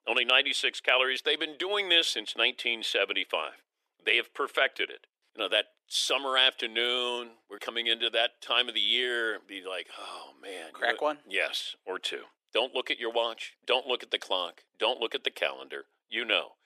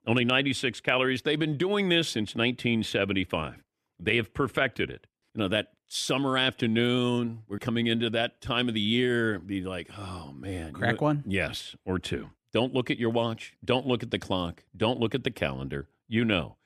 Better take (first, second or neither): second